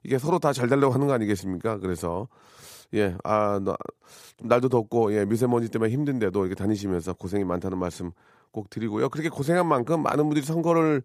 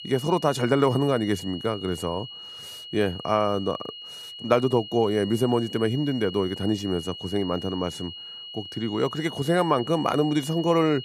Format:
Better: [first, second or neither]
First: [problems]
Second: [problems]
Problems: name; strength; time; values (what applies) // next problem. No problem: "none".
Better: first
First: none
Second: high-pitched whine; noticeable; throughout; 3 kHz, 10 dB below the speech